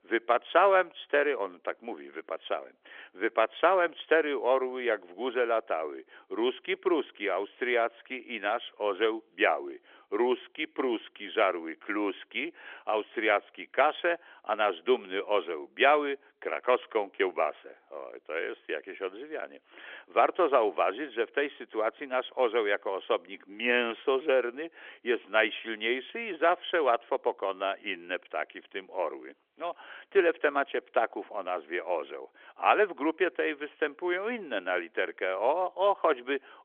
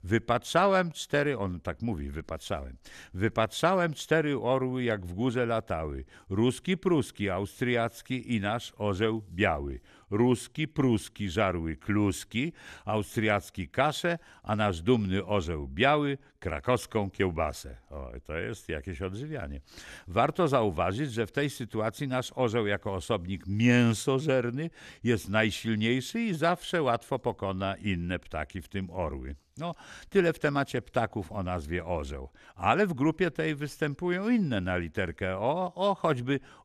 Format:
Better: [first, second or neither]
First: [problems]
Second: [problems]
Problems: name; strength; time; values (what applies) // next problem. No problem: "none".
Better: second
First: phone-call audio; nothing above 3.5 kHz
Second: none